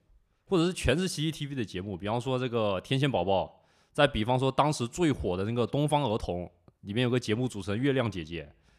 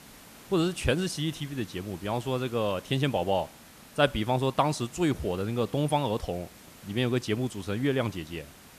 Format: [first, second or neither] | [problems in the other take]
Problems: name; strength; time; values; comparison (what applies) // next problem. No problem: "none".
first | hiss; noticeable; throughout; 20 dB below the speech